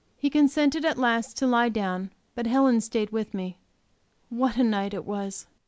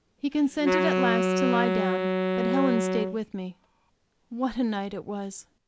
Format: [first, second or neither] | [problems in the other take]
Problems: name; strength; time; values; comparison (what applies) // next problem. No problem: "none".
first | background sound (Wind instrument, woodwind instrument); 3 dB above the speech